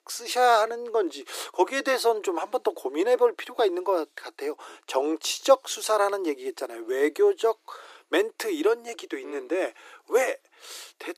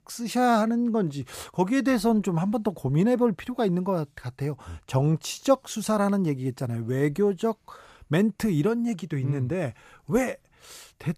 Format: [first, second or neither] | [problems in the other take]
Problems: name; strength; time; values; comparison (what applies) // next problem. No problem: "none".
second | thin; very; fading below 300 Hz